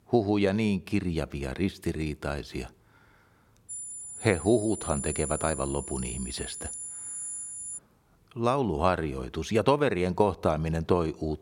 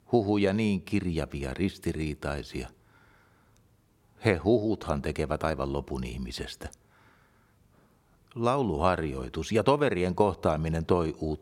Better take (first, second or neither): second